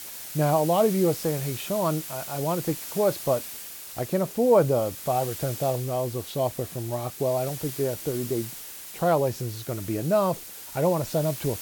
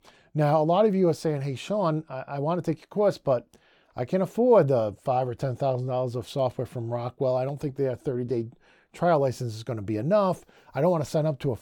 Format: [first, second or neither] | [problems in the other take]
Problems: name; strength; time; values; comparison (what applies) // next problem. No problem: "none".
second | hiss; loud; throughout; 9 dB below the speech